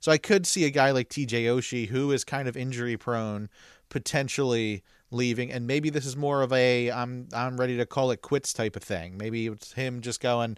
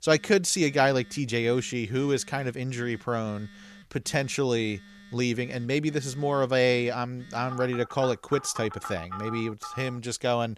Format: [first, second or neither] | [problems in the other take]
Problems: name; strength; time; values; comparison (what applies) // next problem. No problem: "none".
first | alarms or sirens; noticeable; throughout; 15 dB below the speech